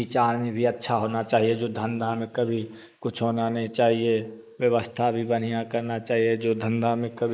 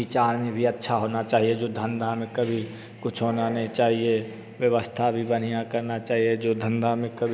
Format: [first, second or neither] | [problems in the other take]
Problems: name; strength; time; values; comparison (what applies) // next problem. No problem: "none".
second | noise reduction (neural mask model Resemble Enhance denoiser)